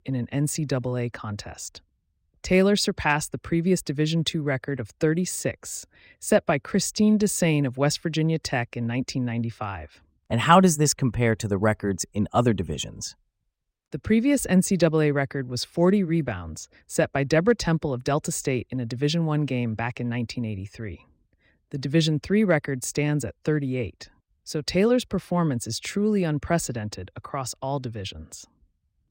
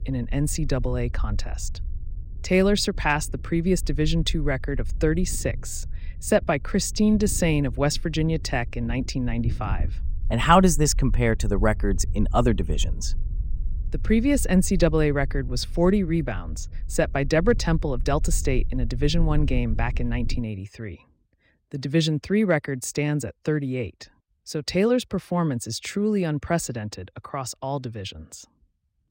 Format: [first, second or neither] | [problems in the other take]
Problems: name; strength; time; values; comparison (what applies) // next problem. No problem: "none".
first | low rumble; faint; until 20 s; 25 dB below the speech